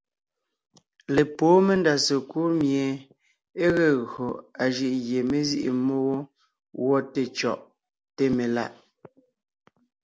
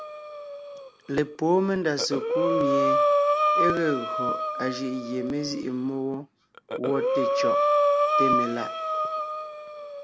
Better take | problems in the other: first | background sound (Breathing); 3 dB above the speech

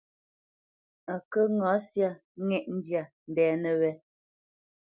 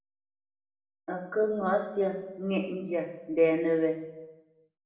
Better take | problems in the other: first | room echo; dies away in 0.9 s

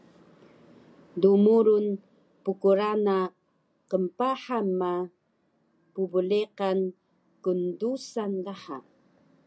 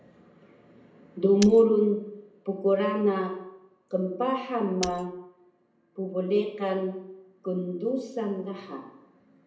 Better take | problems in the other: first | background sound (Shatter); 10 dB below the speech // room echo; dies away in 0.7 s

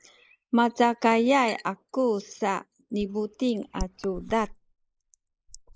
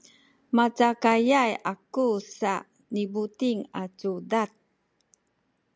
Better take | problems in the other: second | noise reduction (neural mask model Resemble Enhance denoiser)

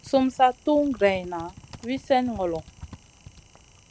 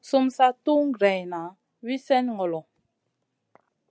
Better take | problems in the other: second | background sound (Typing); 20 dB below the speech

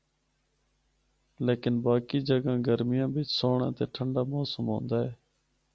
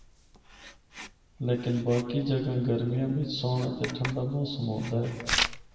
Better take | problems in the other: first | background sound (Writing); 8 dB below the speech // room echo; dies away in 1.2 s

